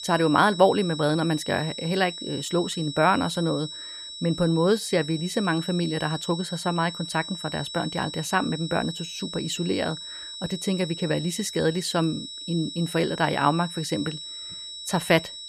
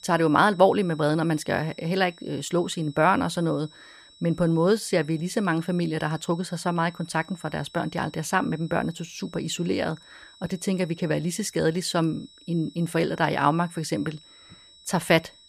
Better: second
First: high-pitched whine; loud; throughout; 4 kHz, 9 dB below the speech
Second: high-pitched whine; faint; throughout; 4 kHz, 25 dB below the speech

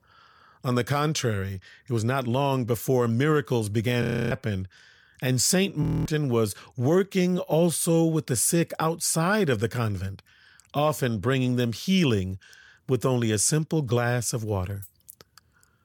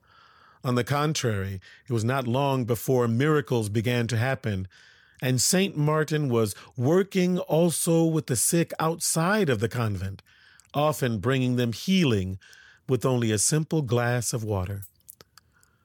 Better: second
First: audio freezing; at 4 s and at 6 s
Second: none

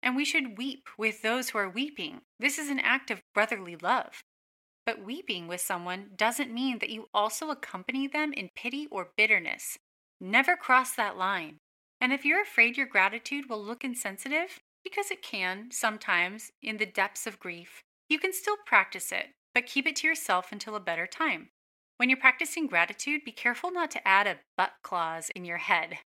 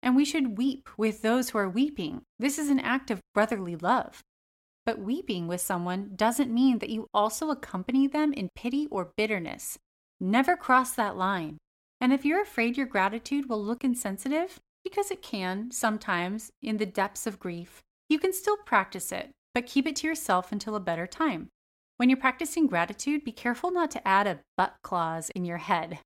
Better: second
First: thin; very slightly; fading below 1 kHz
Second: none

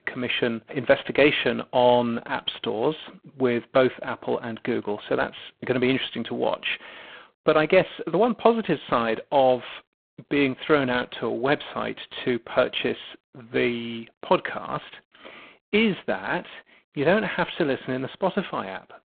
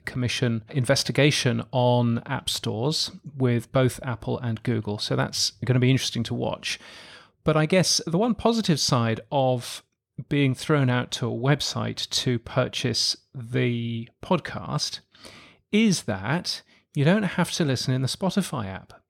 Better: second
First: phone-call audio; poor line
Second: none

